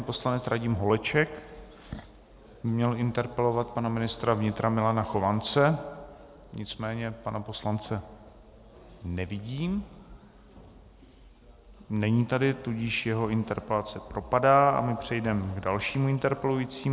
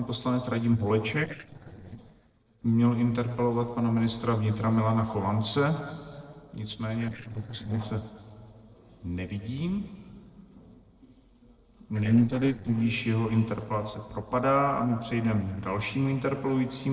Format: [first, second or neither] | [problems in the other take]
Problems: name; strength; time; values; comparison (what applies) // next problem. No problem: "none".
first | noise reduction (neural separator model SepFormer DNS4)